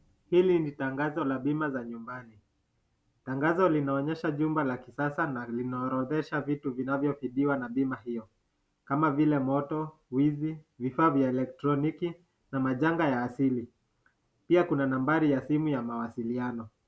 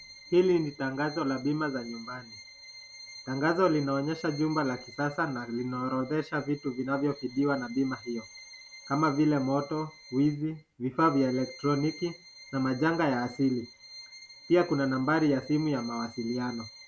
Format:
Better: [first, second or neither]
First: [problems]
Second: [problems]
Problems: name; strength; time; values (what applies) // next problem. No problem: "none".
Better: first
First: none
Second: background sound (Bowed string instrument); 19 dB below the speech